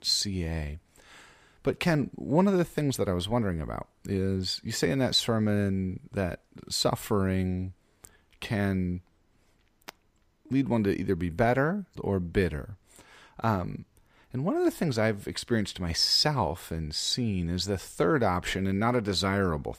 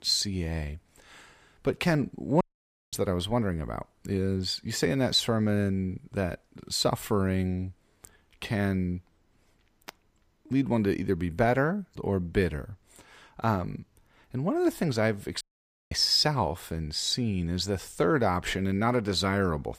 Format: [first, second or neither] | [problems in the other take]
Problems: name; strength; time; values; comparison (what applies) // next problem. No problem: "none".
first | audio cutting out; at 2.5 s for 0.5 s and at 15 s for 0.5 s